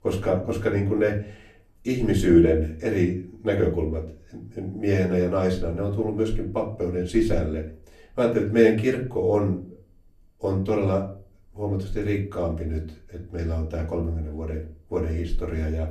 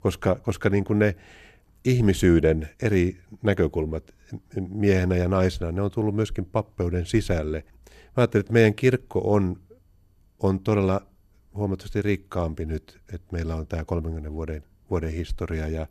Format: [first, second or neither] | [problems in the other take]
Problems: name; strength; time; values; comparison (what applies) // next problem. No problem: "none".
second | off-mic speech; far // room echo; slight; dies away in 0.4 s